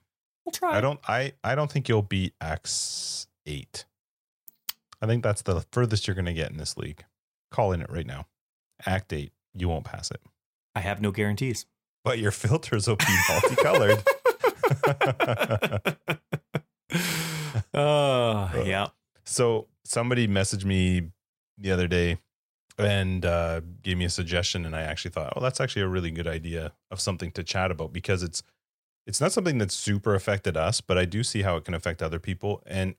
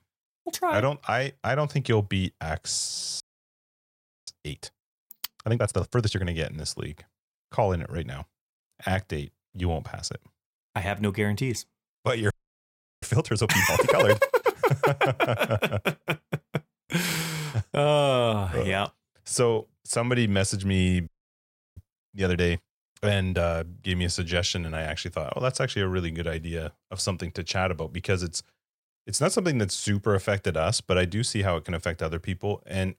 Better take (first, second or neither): first